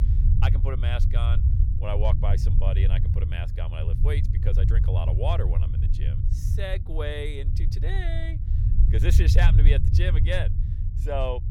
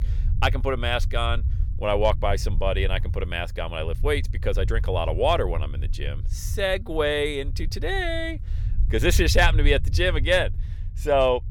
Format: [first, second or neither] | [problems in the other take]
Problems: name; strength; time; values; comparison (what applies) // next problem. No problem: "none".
second | low rumble; loud; throughout; 7 dB below the speech; faint in the second